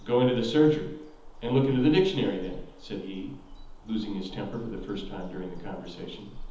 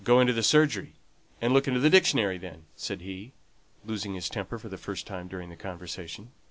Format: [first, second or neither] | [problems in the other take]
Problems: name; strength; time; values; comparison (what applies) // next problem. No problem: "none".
second | background sound (Bird vocalization, bird call, bird song); 14 dB below the speech // room echo; dies away in 1.3 s